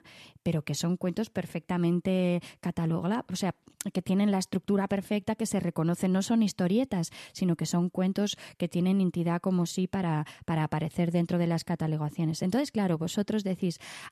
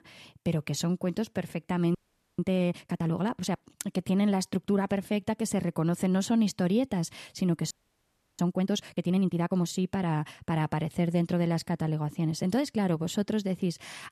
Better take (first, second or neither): first